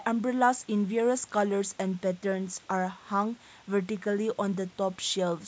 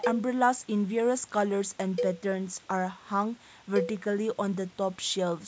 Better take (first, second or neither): first